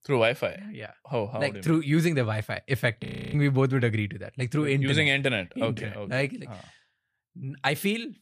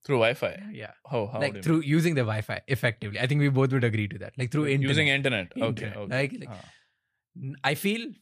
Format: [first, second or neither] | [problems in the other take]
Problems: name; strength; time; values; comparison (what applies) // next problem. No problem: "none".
second | audio freezing; at 3 s